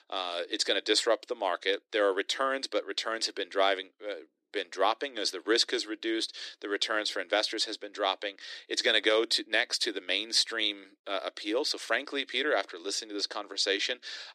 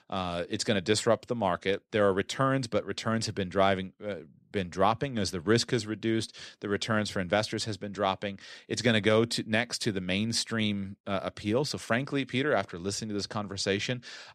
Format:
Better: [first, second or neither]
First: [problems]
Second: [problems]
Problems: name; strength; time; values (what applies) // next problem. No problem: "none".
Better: second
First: thin; very; fading below 300 Hz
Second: none